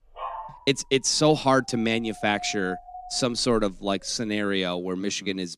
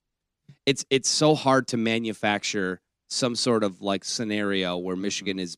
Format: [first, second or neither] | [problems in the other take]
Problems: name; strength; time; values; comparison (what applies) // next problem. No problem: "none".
second | dog barking; faint; until 4 s; peak 10 dB below the speech